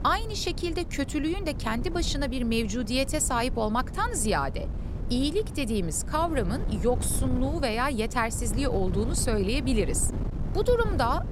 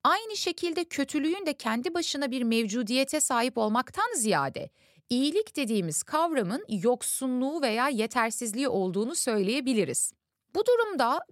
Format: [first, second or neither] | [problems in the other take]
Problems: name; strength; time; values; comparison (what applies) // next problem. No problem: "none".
second | wind noise on the microphone; occasional gusts; 15 dB below the speech